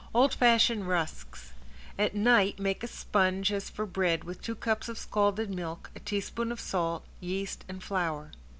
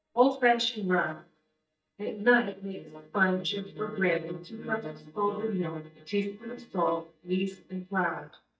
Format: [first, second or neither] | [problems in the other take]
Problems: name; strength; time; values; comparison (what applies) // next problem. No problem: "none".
first | noise reduction (neural mask model DeepFilterNet 3)